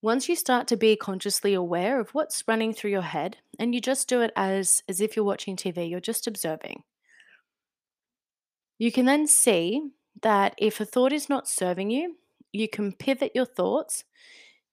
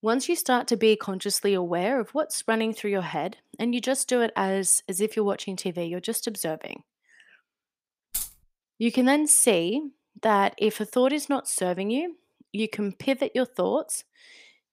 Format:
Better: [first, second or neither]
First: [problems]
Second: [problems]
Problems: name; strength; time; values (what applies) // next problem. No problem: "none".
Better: first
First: none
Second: jangling keys; noticeable; at 8 s; peak 6 dB below the speech